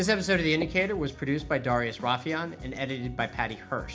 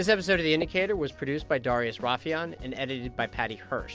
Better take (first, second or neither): second